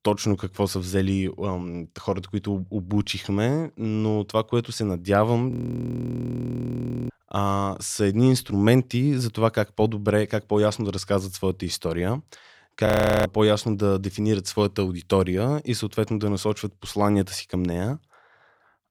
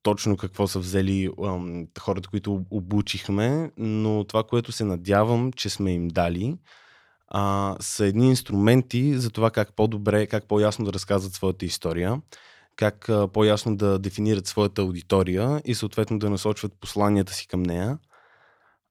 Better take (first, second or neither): second